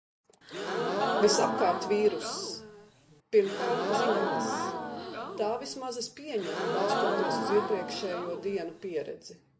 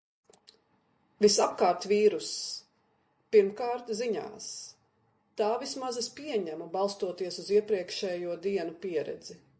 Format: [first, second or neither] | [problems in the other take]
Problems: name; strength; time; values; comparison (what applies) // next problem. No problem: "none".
second | background sound (Crowd / Gasp); as loud as the speech